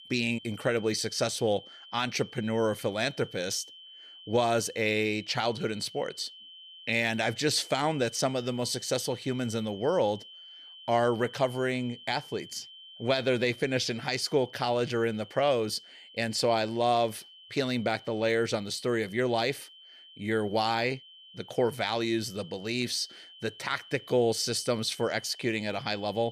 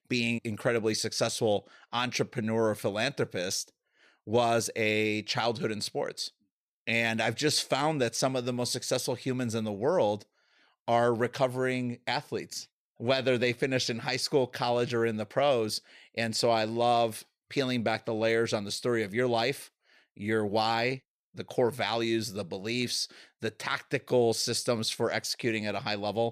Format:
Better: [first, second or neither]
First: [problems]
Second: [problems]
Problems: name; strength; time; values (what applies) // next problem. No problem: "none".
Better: second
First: high-pitched whine; noticeable; throughout; 3 kHz, 20 dB below the speech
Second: none